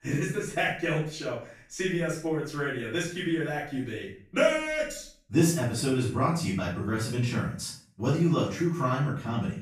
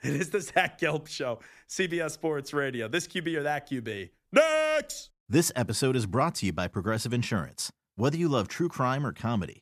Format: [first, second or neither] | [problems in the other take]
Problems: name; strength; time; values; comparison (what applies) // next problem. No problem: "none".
second | room echo; noticeable; dies away in 0.4 s // off-mic speech; far